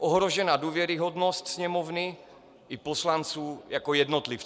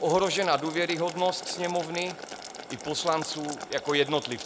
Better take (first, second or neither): first